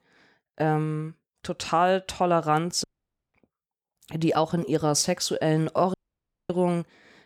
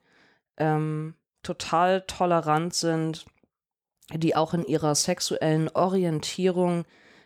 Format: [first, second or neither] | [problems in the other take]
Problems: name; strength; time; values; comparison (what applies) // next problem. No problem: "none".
second | audio cutting out; at 3 s for 0.5 s and at 6 s for 0.5 s